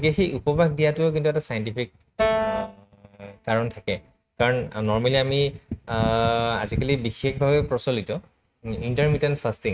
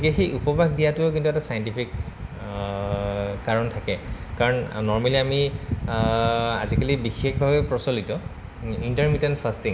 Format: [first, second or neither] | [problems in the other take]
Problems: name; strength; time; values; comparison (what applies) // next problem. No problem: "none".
second | noise reduction (neural mask model RNNoise)